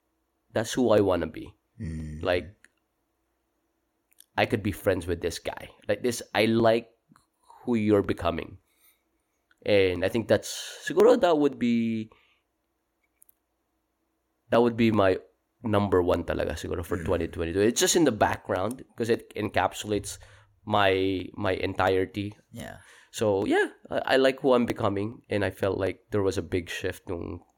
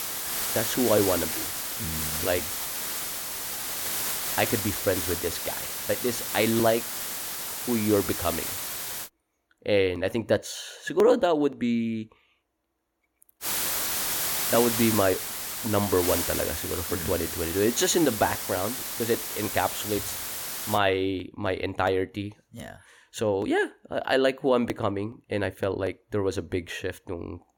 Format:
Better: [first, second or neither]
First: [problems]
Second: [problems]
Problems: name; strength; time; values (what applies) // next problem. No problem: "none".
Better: first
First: none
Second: hiss; loud; until 9 s and from 13 to 21 s; 2 dB below the speech